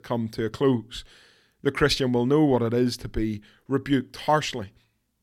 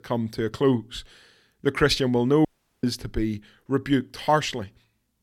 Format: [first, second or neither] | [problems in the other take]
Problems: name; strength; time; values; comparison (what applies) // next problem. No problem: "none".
first | audio cutting out; at 2.5 s